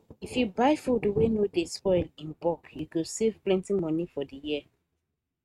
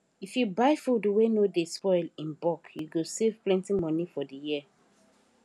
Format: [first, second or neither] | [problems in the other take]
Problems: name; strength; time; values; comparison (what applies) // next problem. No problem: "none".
second | noise reduction (neural mask model RNNoise)